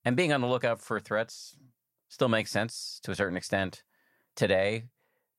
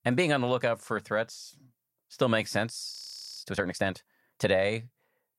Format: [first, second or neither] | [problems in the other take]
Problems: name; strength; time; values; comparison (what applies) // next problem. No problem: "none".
first | audio freezing; at 3 s